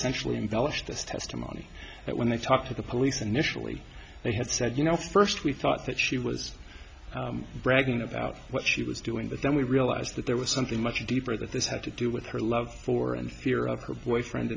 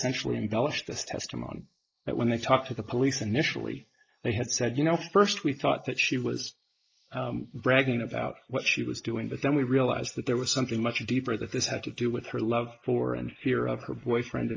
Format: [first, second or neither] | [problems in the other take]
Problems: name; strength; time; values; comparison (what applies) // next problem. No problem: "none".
first | noise reduction (neural mask model Resemble Enhance denoiser)